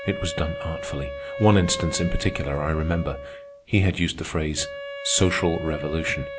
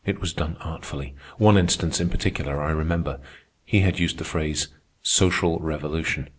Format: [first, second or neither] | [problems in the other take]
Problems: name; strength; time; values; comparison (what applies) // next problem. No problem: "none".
second | background sound (Wind instrument, woodwind instrument); 10 dB below the speech